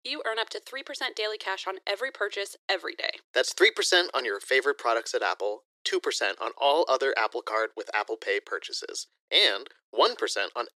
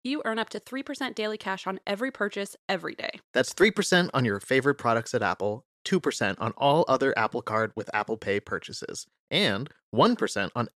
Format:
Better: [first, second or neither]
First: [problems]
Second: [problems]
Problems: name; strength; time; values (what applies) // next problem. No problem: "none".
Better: second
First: thin; very; fading below 350 Hz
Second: none